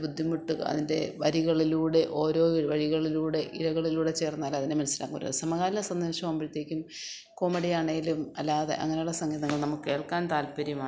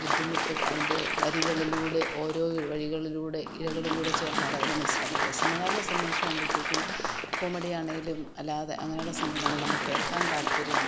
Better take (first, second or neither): first